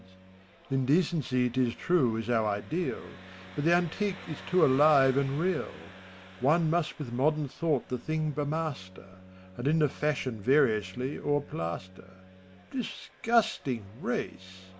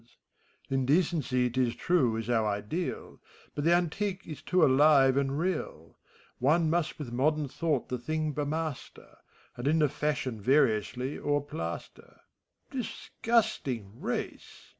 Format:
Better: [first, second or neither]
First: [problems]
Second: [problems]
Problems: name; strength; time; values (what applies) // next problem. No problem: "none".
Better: second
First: background sound (Engine + Bowed string instrument); 20 dB below the speech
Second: none